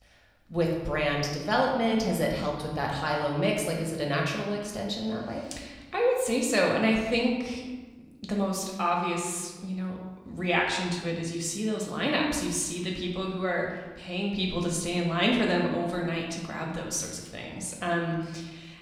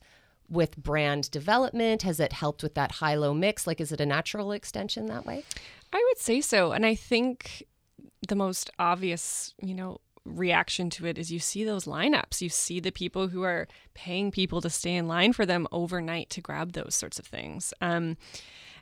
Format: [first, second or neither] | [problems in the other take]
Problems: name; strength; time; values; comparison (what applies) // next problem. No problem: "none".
second | room echo; noticeable; dies away in 1.1 s // off-mic speech; somewhat distant